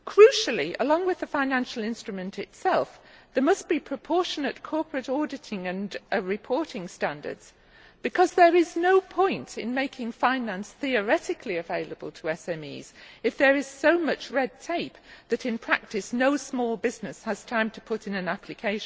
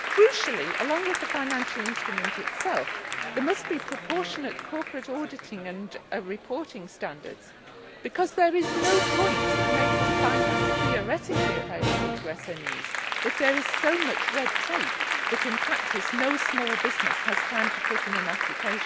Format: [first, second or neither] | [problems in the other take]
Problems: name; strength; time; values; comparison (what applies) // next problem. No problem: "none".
first | background sound (Applause); 2 dB above the speech